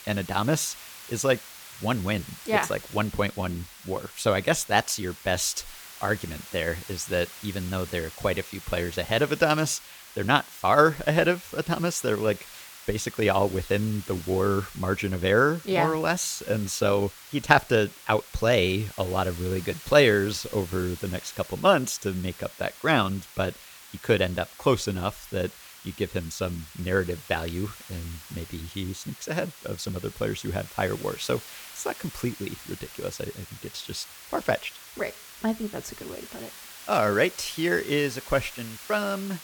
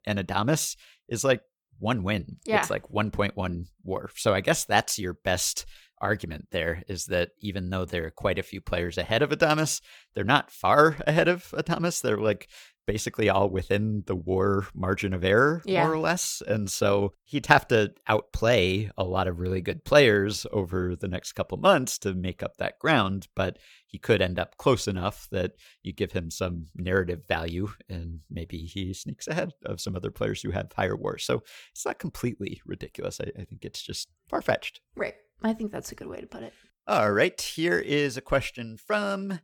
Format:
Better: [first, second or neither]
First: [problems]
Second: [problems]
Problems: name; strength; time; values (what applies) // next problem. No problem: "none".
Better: second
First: hiss; noticeable; throughout; 15 dB below the speech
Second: none